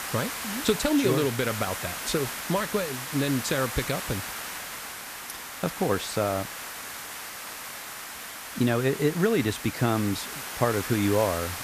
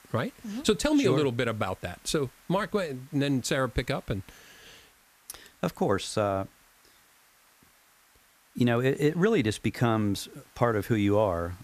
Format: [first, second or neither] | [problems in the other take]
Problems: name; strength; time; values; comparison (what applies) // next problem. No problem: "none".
second | hiss; loud; throughout; 7 dB below the speech; faint in the second